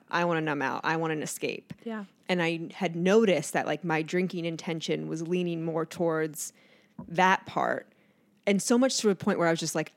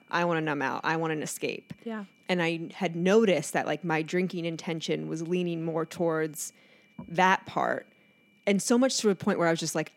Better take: first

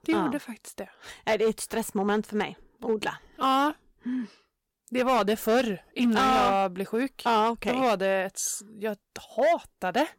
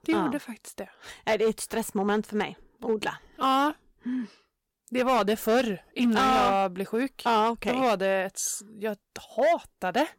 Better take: neither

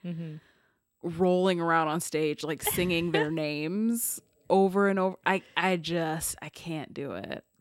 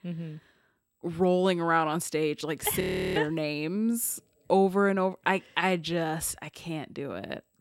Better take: first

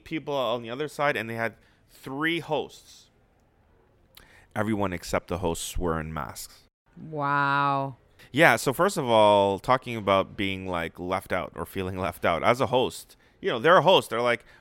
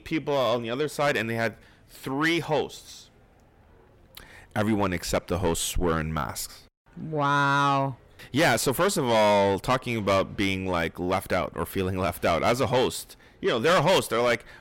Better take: first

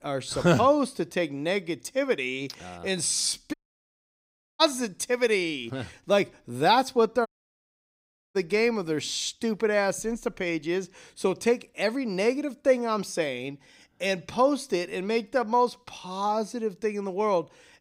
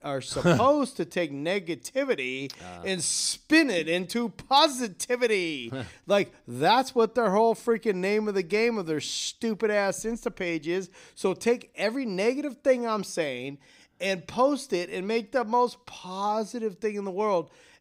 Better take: second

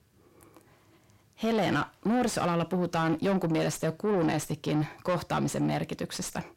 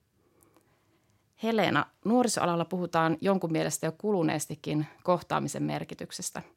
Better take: second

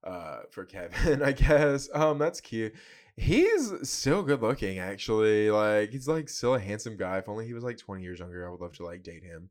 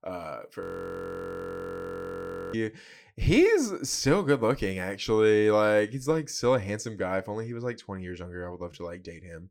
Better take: first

